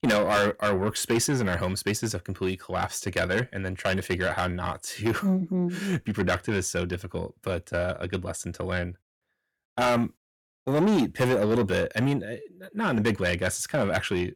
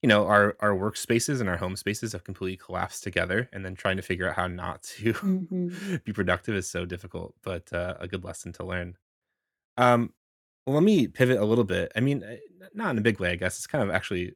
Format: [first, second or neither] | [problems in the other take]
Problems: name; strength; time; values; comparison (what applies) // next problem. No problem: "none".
second | distortion; heavy; 7 dB below the speech